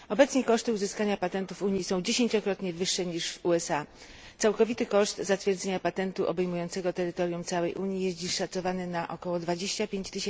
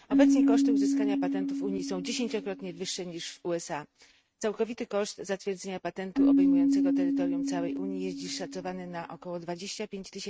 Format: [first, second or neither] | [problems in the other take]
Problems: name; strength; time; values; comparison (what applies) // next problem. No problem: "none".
first | noise reduction (neural mask model RNNoise)